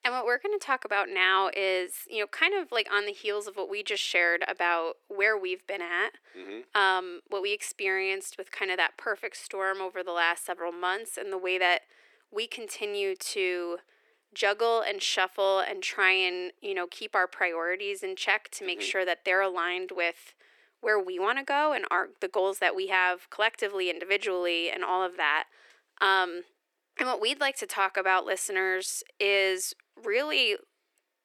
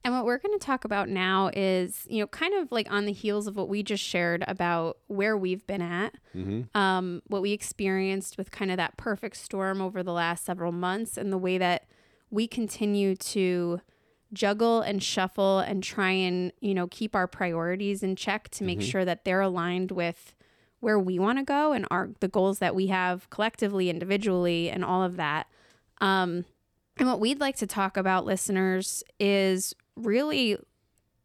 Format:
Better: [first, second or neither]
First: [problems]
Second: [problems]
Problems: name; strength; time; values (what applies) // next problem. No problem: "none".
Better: second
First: thin; very; fading below 350 Hz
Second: none